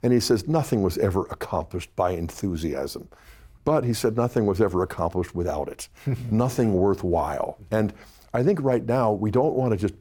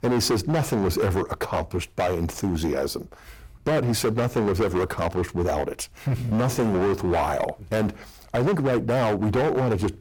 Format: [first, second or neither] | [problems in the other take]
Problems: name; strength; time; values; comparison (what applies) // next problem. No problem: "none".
first | distortion; heavy; 18% of the sound clipped